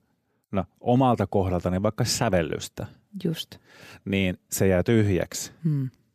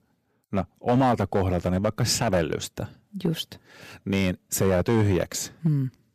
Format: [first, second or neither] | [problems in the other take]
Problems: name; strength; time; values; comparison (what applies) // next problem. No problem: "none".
first | distortion; slight; 4% of the sound clipped